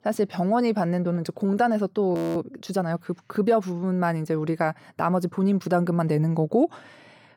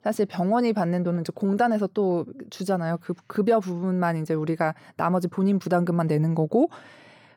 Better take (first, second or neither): second